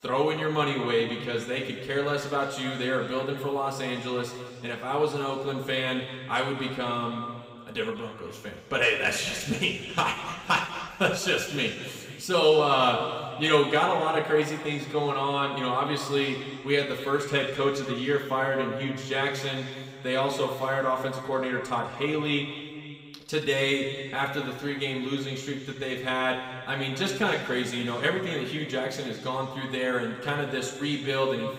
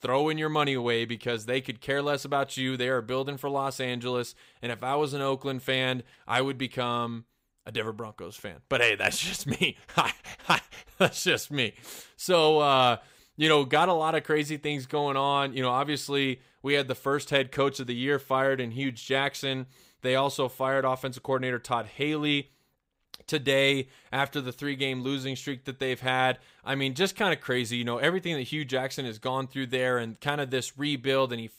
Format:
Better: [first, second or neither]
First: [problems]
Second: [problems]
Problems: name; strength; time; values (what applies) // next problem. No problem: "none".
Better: second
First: room echo; noticeable; dies away in 2.1 s // off-mic speech; somewhat distant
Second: none